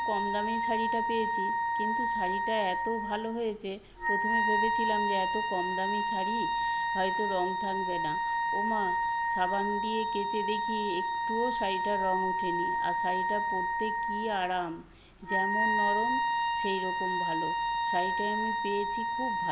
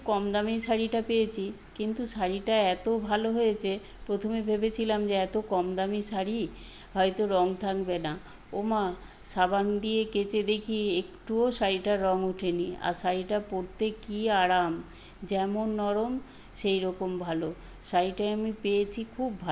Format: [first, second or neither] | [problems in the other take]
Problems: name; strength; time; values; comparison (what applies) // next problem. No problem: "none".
second | background sound (Wind instrument, woodwind instrument); 5 dB above the speech